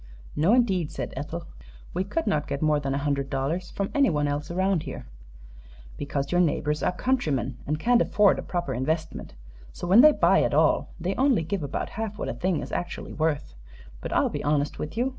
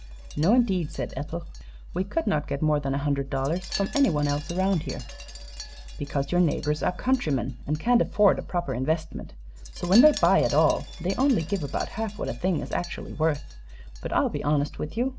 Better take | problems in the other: first | background sound (Wind chime); 19 dB below the speech

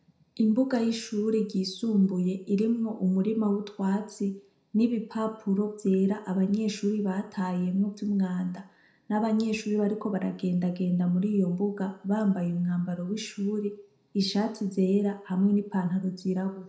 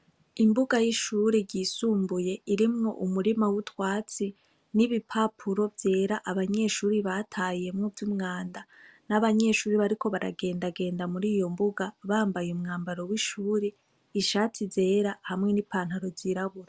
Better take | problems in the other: second | room echo; dies away in 0.5 s

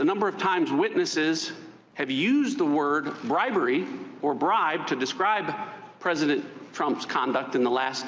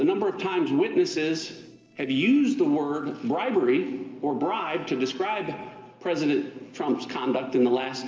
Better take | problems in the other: first | noise reduction (neural separator model SepFormer DNS4)

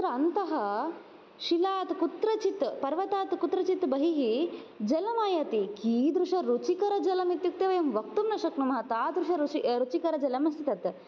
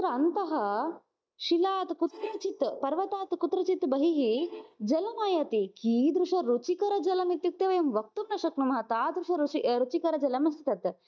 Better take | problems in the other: first | noise reduction (neural mask model DeepFilterNet 3)

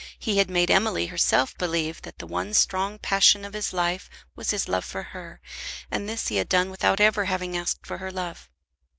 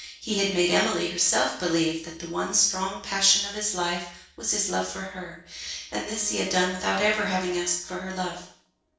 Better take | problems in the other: first | noise reduction (neural separator model SepFormer DNS4)

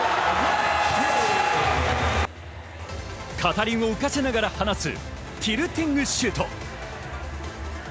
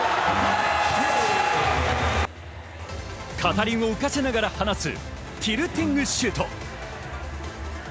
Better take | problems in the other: first | background sound (Bowed string instrument); 15 dB below the speech

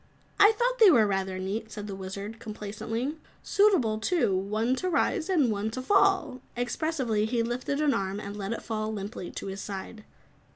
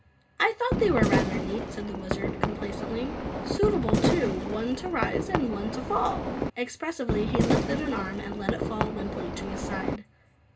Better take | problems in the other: first | background sound (Fireworks); 2 dB above the speech // room echo; dies away in 0.2 s

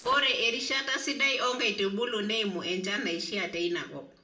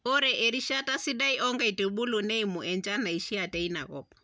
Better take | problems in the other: second | noise reduction (neural separator model SepFormer DNS4)

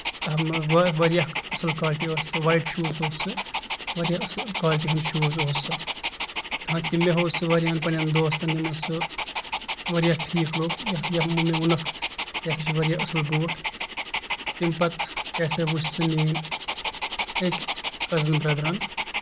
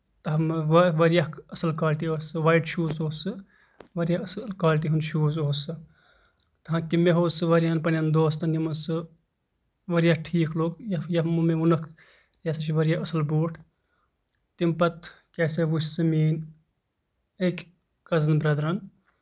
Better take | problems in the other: second | background sound (Dog); 5 dB below the speech

